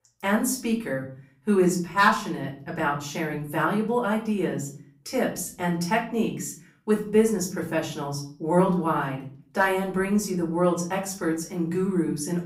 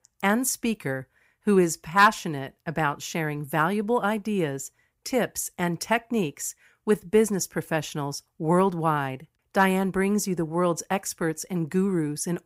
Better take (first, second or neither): second